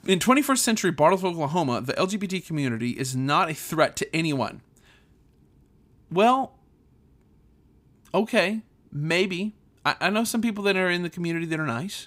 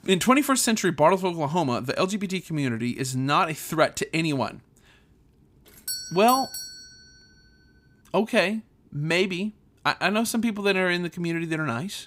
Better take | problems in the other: first | doorbell; noticeable; from 6 to 7 s; peak 6 dB below the speech

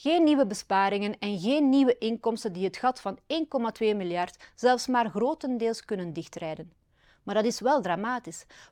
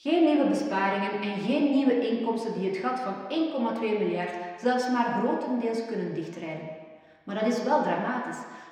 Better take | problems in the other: first | room echo; noticeable; dies away in 1.5 s // off-mic speech; somewhat distant

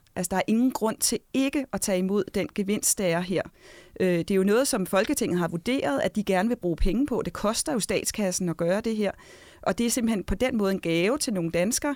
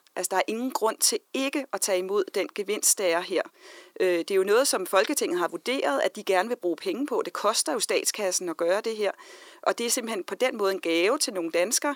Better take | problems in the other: first | thin; somewhat; fading below 350 Hz

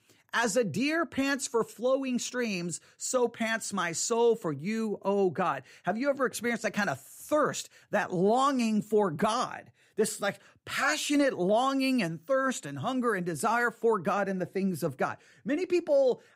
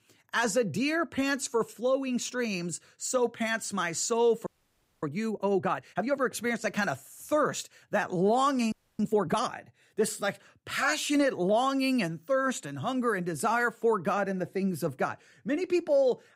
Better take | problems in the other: first | audio freezing; at 4.5 s for 0.5 s and at 8.5 s

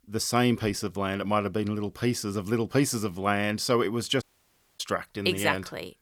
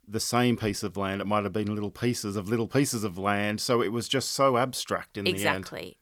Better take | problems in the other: second | audio cutting out; at 4 s for 0.5 s

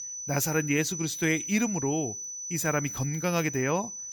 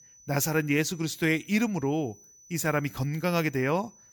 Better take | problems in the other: second | high-pitched whine; loud; throughout; 6 kHz, 5 dB below the speech; faint in the second

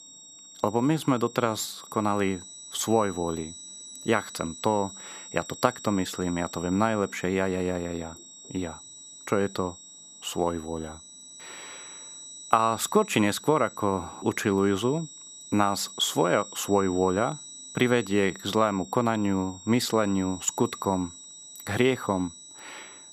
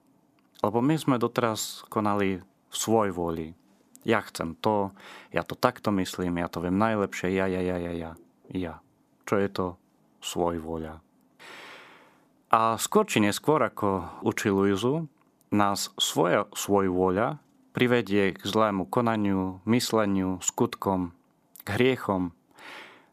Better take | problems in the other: second | high-pitched whine; noticeable; throughout; 8 kHz, 15 dB below the speech

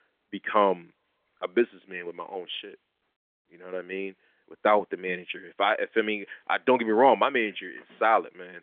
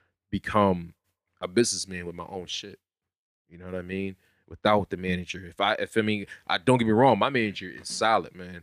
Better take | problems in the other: second | phone-call audio; nothing above 3.5 kHz

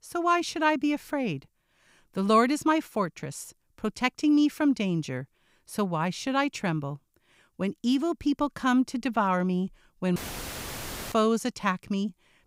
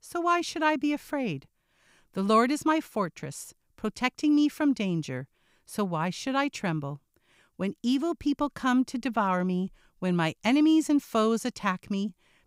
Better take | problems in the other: second | audio cutting out; filled with static; at 10 s for 1 s

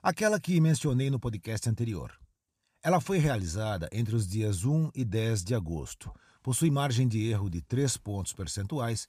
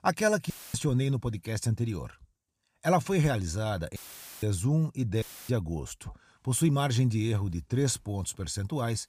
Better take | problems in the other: first | audio cutting out; filled with static; at 0.5 s, at 4 s and at 5 s

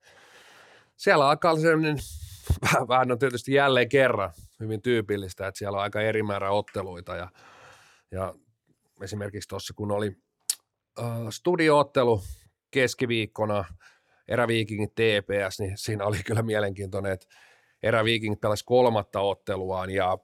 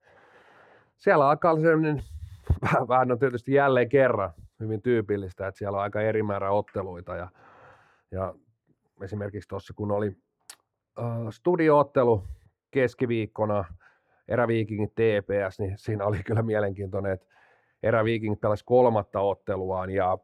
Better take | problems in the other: first | muffled; very; fading above 2.5 kHz

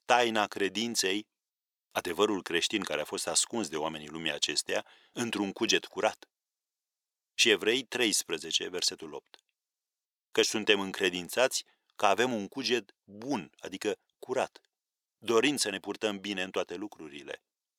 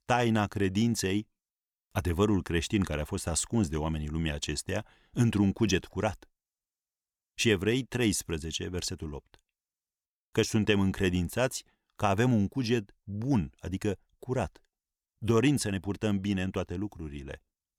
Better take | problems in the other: second | thin; somewhat; fading below 450 Hz

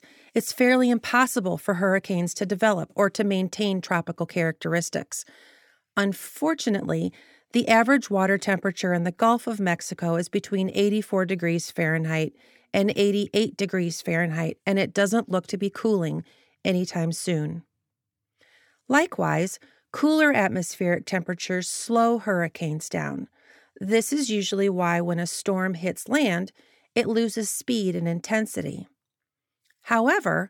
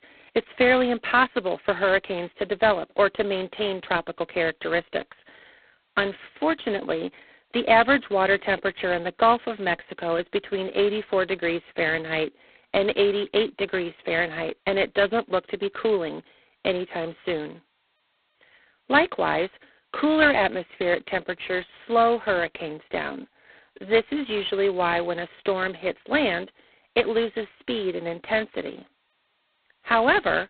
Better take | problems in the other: first | phone-call audio; poor line; nothing above 4 kHz

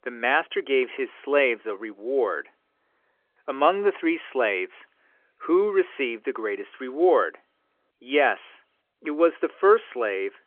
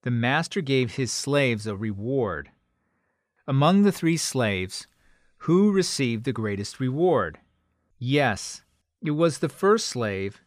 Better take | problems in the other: second | phone-call audio

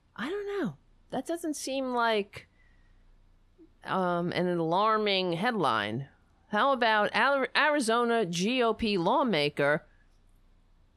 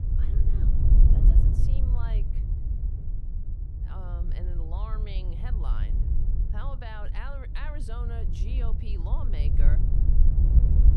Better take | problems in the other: first | wind noise on the microphone; heavy; 1 dB below the speech

